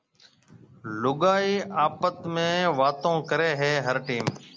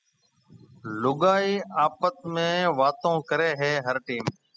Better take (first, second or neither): first